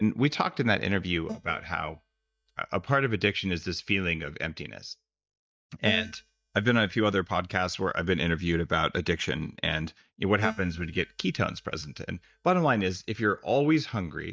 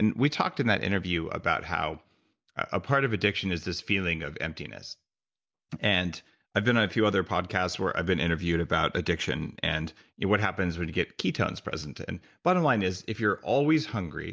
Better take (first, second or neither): second